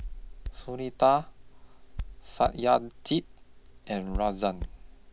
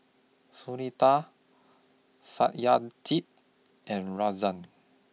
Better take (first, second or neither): second